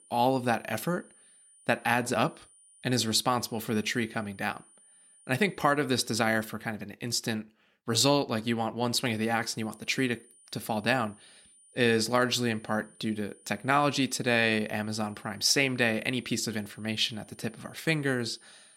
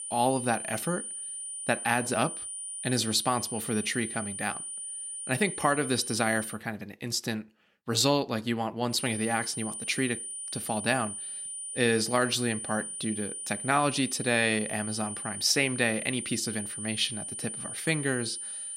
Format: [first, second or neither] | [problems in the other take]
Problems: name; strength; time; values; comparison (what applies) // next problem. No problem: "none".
first | high-pitched whine; loud; until 6.5 s and from 9 s on; 9.5 kHz, 6 dB below the speech; faint in the first